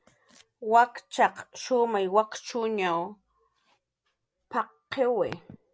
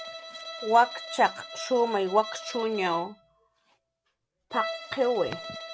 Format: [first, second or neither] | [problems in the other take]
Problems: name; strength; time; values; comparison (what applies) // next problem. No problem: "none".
first | background sound (Bowed string instrument); 11 dB below the speech